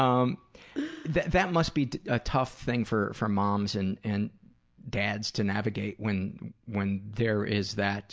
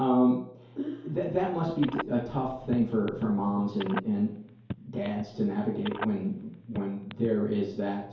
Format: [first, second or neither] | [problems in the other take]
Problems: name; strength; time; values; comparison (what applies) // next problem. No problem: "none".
first | background sound (Telephone); 12 dB below the speech // room echo; dies away in 2.4 s